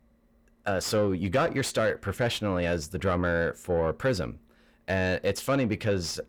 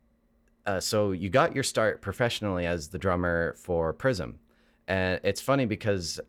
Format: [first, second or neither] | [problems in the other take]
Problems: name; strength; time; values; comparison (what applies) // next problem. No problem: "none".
second | distortion; slight; 10 dB below the speech